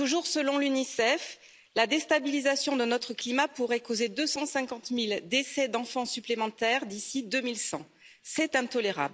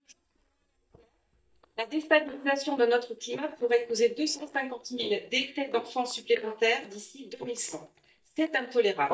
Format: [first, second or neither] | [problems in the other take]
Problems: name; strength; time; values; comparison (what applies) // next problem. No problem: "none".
first | noise reduction (neural mask model DeepFilterNet 3)